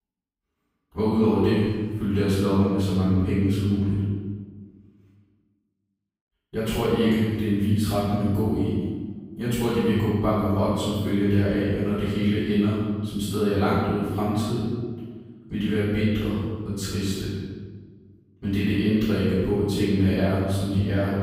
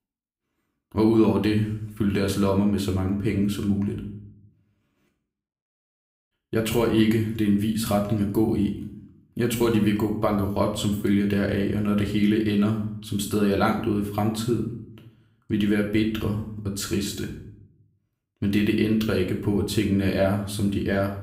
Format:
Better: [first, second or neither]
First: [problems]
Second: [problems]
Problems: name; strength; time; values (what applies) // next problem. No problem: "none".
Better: second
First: room echo; strong; dies away in 1.3 s // off-mic speech; far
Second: room echo; slight; dies away in 0.6 s // off-mic speech; somewhat distant